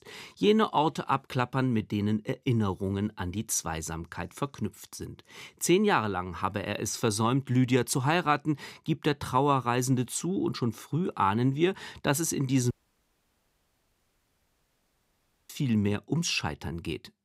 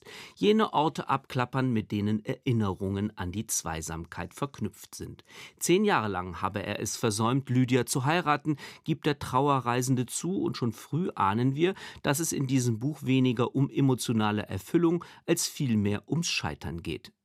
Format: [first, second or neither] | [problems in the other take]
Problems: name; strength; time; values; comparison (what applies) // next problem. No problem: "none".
second | audio cutting out; at 13 s for 3 s